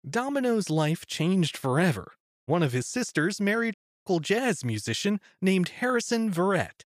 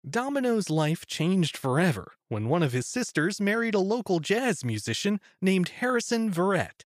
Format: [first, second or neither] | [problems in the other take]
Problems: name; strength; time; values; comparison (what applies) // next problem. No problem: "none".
second | audio cutting out; at 2 s and at 3.5 s